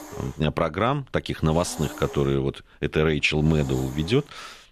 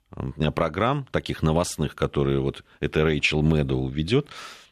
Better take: second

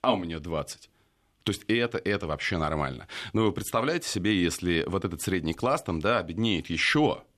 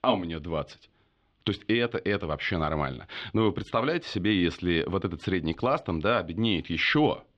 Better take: first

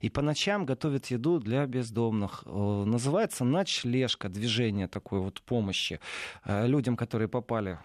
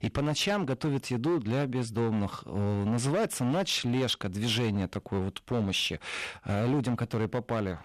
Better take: first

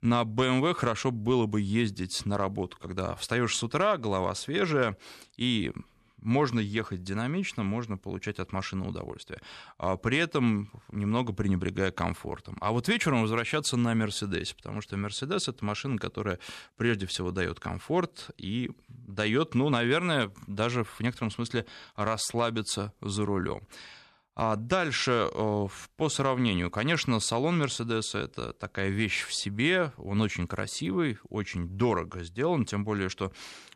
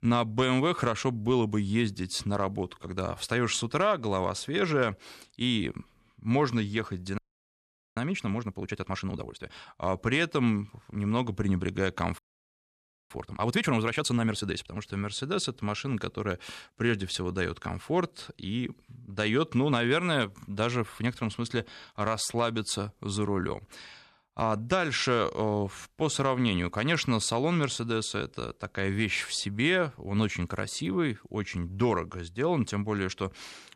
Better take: first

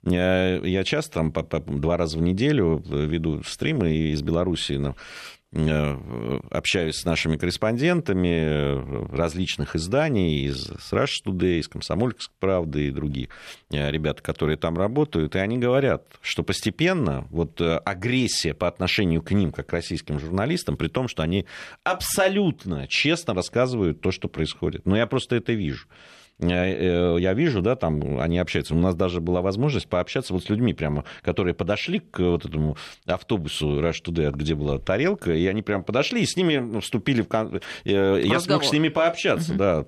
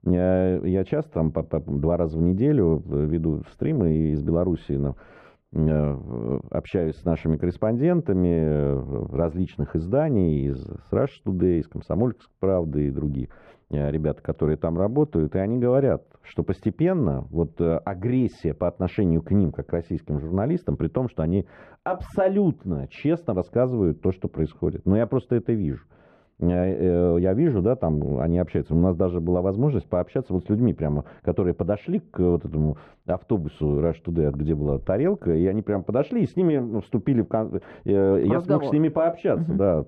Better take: first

